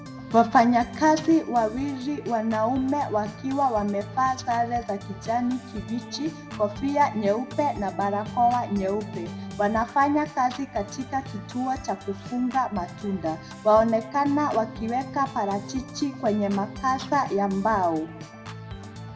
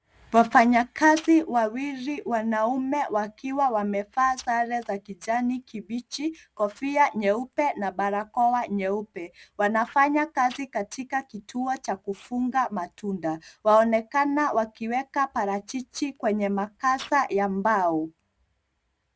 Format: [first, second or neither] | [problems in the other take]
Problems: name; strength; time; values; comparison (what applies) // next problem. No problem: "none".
second | background sound (Organ); 13 dB below the speech // room echo; dies away in 1 s